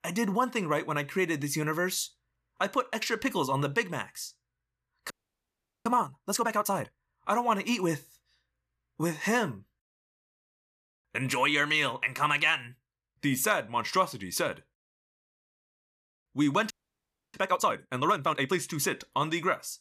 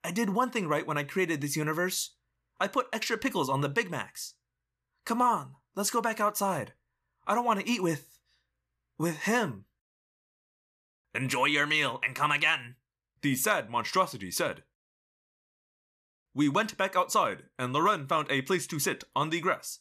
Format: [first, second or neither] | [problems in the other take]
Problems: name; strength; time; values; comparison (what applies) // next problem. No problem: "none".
second | audio freezing; at 5 s for 1 s and at 17 s for 0.5 s